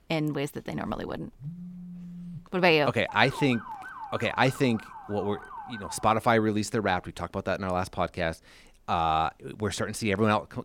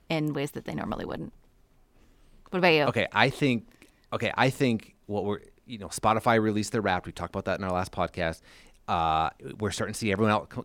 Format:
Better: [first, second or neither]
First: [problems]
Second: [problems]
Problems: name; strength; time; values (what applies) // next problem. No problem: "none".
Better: second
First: phone ringing; faint; from 1.5 to 2.5 s; peak 15 dB below the speech // siren; faint; from 3 to 6 s; peak 10 dB below the speech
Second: none